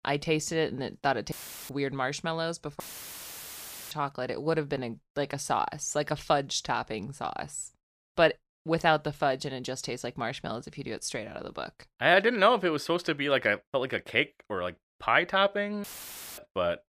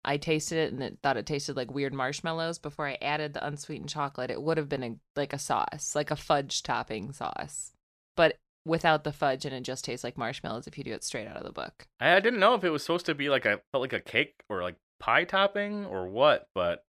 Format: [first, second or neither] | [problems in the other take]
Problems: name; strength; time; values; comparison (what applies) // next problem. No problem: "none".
second | audio cutting out; filled with static; at 1.5 s, at 3 s for 1 s and at 16 s for 0.5 s